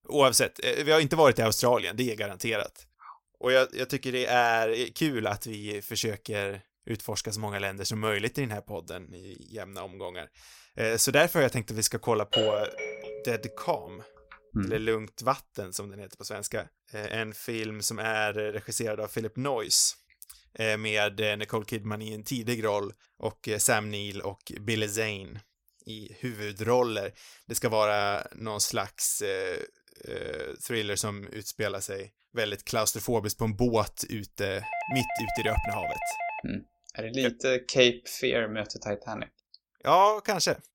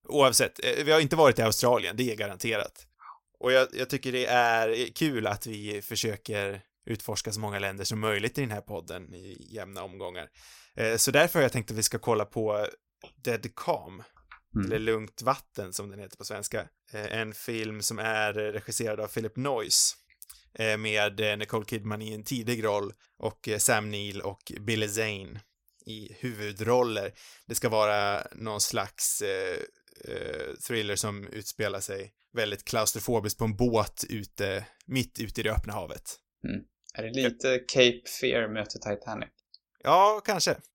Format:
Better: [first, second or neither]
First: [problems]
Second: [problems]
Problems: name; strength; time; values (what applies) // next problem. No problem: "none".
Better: second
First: doorbell; loud; at 12 s; peak 1 dB above the speech // doorbell; noticeable; from 35 to 36 s; peak 4 dB below the speech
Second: none